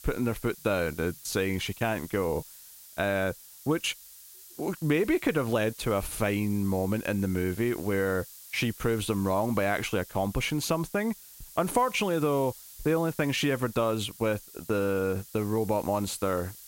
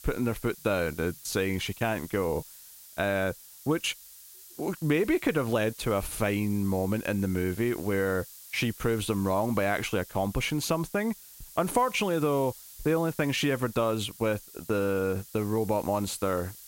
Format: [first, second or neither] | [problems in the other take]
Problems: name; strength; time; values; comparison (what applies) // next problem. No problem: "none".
neither | hiss; noticeable; throughout; 15 dB below the speech; the same in both